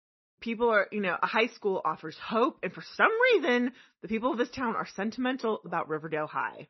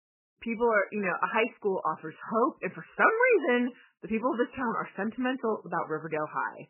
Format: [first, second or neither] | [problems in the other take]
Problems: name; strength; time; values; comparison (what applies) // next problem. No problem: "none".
first | garbled, watery; badly; nothing above 3 kHz; slightly in the first